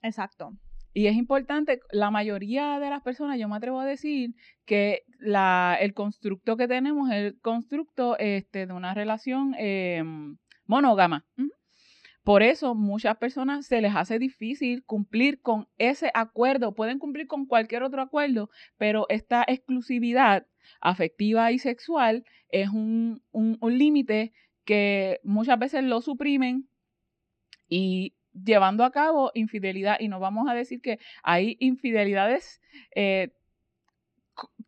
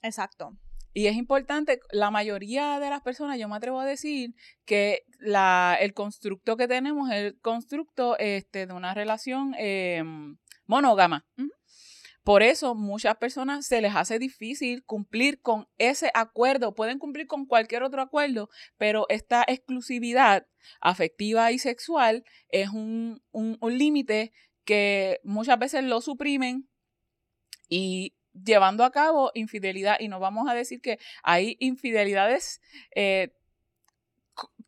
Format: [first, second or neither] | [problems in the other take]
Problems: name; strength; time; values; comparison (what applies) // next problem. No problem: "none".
second | muffled; very slightly; fading above 4 kHz